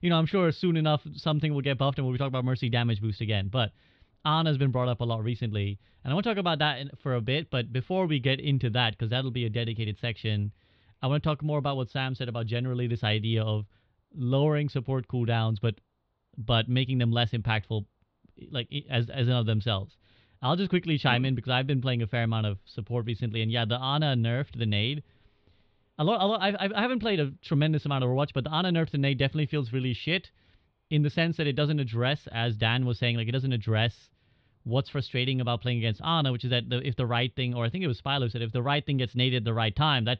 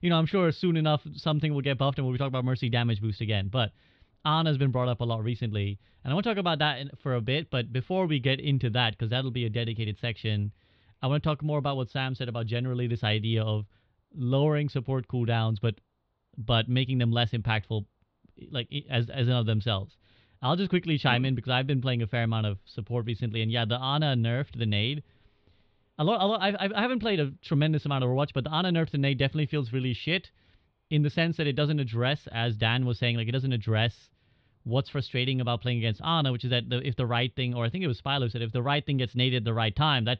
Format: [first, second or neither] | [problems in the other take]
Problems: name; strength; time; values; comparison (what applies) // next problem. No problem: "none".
neither | muffled; very slightly; fading above 4 kHz; the same in both